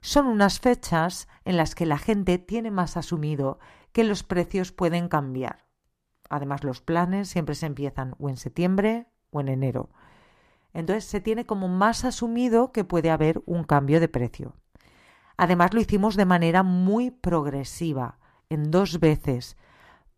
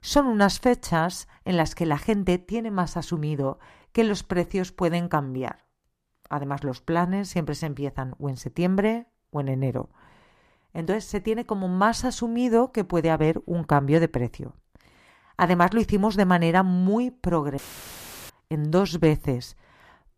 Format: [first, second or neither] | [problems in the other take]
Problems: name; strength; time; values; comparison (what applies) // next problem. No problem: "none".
first | audio cutting out; filled with static; at 18 s for 0.5 s